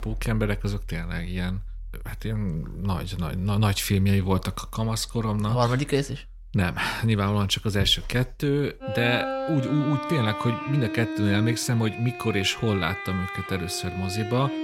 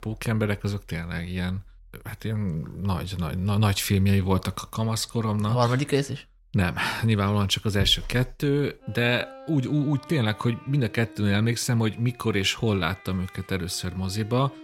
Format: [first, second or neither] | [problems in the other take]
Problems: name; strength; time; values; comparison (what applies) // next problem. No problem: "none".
second | background music; loud; throughout; 9 dB below the speech; faint in the second